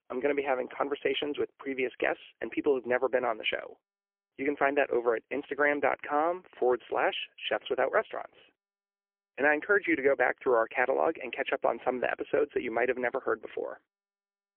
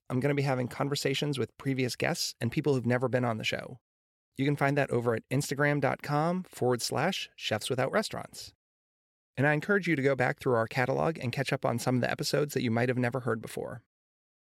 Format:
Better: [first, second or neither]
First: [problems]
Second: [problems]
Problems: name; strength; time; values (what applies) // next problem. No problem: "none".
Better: second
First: phone-call audio; poor line; nothing above 3.5 kHz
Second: none